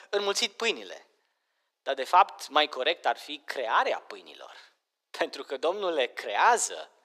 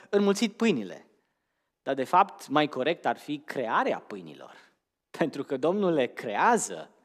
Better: second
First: thin; very; fading below 500 Hz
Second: none

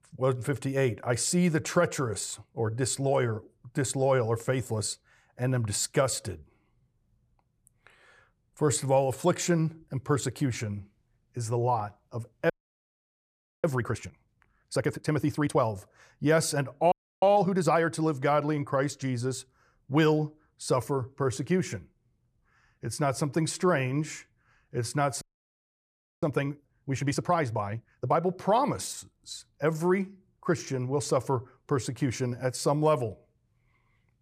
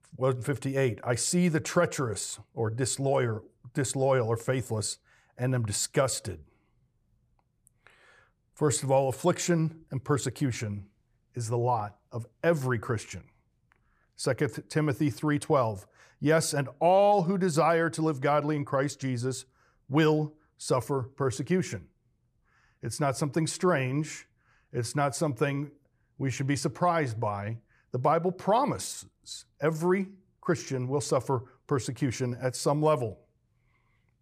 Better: second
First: audio freezing; at 13 s for 1 s, at 17 s and at 25 s for 1 s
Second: none

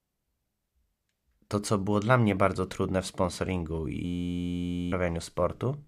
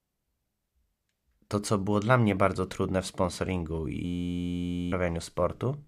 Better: neither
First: audio freezing; at 4 s for 1 s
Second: audio freezing; at 4 s for 1 s

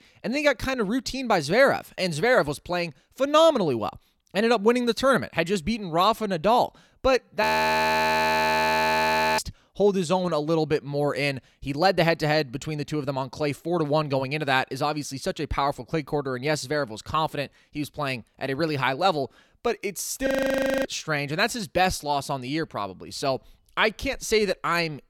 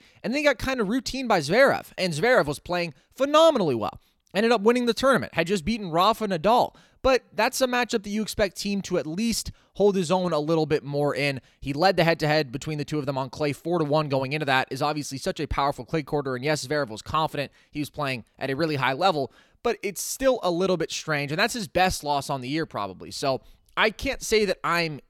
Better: second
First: audio freezing; at 7.5 s for 2 s and at 20 s for 0.5 s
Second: none

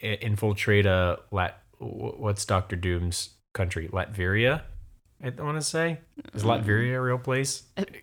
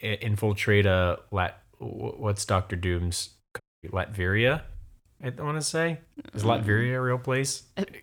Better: first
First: none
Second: audio cutting out; at 3.5 s

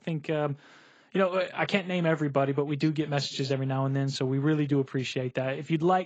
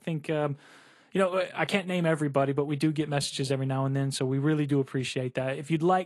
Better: second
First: garbled, watery; badly; nothing above 7.5 kHz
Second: garbled, watery; slightly; nothing above 11 kHz

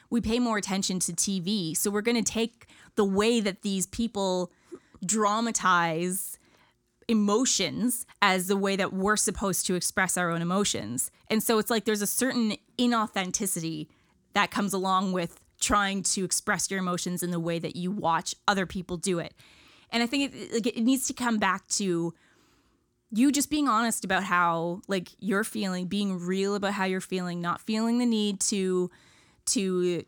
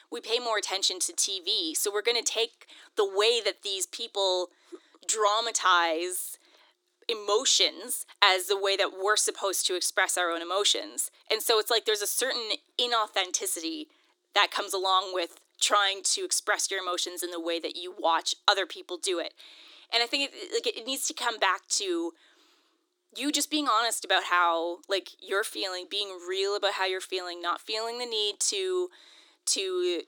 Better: first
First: none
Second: thin; very; fading below 300 Hz

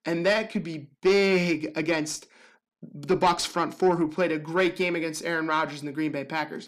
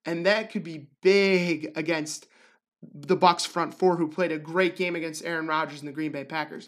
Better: second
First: distortion; slight; 10 dB below the speech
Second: none

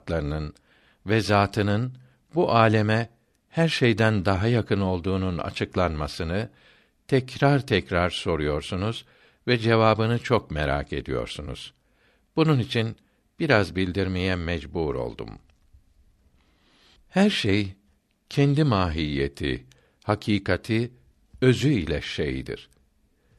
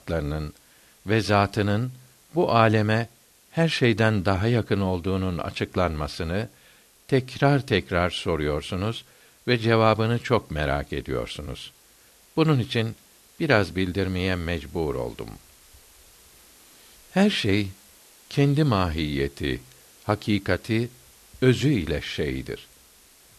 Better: first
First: none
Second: hiss; faint; throughout; 30 dB below the speech

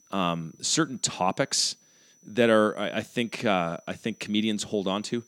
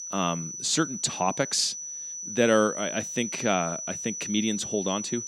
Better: first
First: high-pitched whine; faint; throughout; 6 kHz, 30 dB below the speech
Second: high-pitched whine; loud; throughout; 6 kHz, 6 dB below the speech

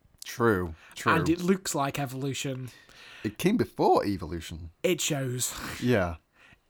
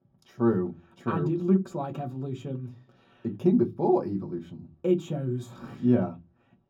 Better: first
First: none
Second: room echo; very slight; dies away in 0.4 s // off-mic speech; far

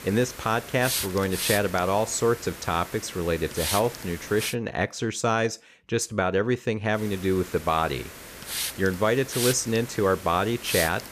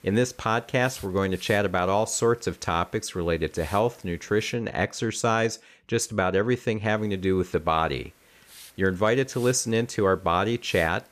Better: second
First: hiss; loud; until 4.5 s and from 7 s on; 7 dB below the speech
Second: hiss; faint; until 4.5 s and from 7 s on; 25 dB below the speech

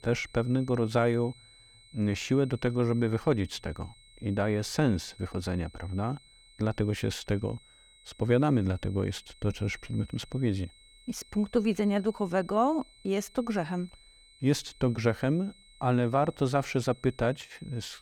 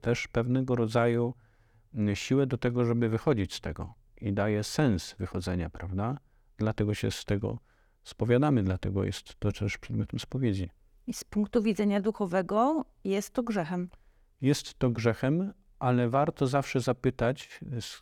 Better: second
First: high-pitched whine; faint; throughout; 4 kHz, 25 dB below the speech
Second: none

